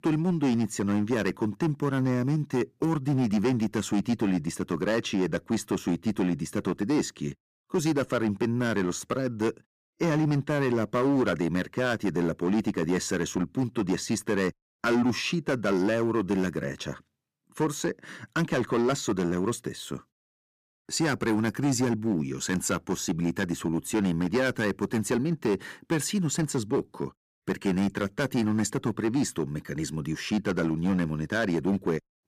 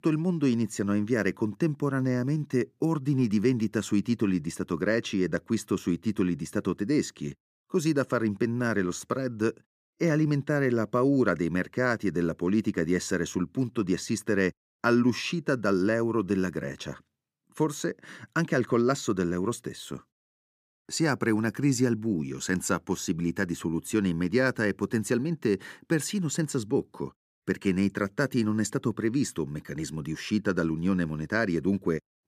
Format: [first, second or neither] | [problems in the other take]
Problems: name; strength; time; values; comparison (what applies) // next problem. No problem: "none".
second | distortion; slight; 9% of the sound clipped